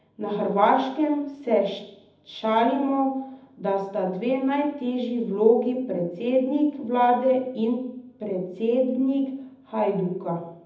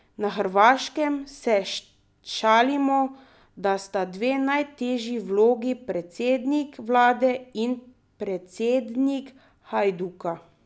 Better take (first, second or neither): second